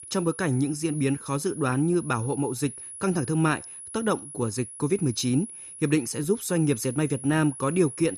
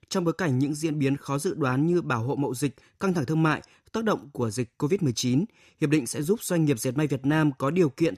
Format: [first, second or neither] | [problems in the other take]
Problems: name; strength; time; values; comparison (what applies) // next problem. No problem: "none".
second | high-pitched whine; noticeable; throughout; 10.5 kHz, 10 dB below the speech